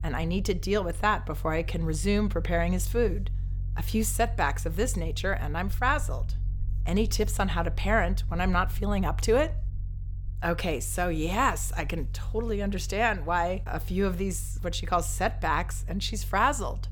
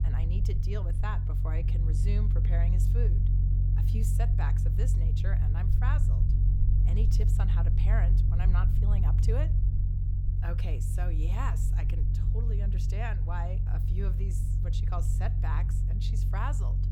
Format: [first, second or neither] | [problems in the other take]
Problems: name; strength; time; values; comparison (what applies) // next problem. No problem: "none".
first | low rumble; loud; throughout; 2 dB below the speech; faint in the first